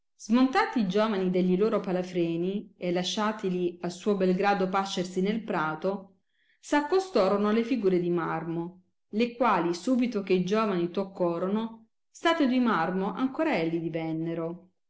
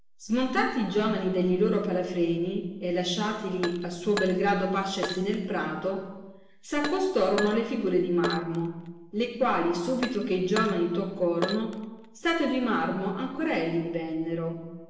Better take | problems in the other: first | background sound (Glass); 12 dB below the speech // room echo; dies away in 1.1 s

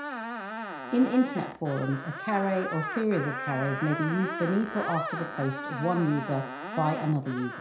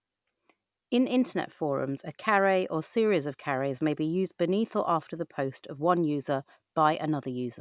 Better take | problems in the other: second | background sound (Screech); 7 dB below the speech // room echo; dies away in 0.5 s

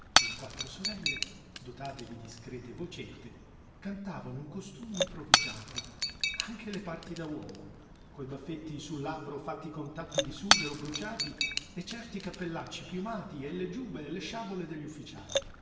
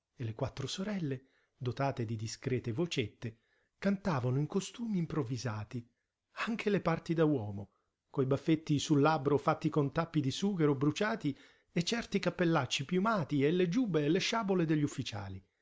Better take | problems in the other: second | background sound (Shatter / Crushing); 5 dB above the speech // room echo; dies away in 1.2 s

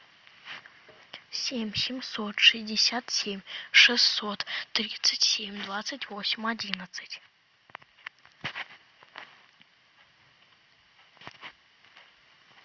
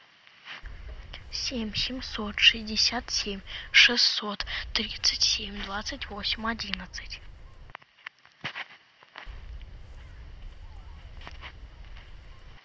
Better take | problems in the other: first | background sound (Gull, seagull / Wind); 12 dB below the speech

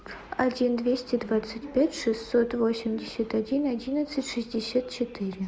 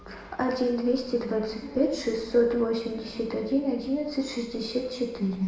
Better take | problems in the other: first | room echo; dies away in 0.8 s

